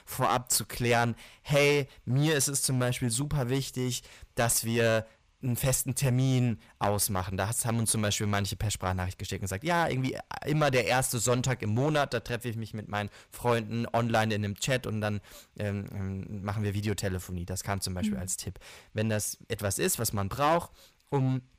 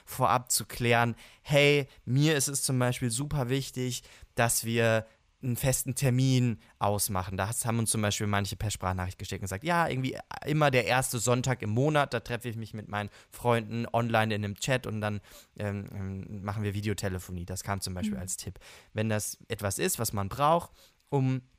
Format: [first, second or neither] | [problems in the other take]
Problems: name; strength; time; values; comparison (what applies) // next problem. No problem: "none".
second | distortion; slight; 5% of the sound clipped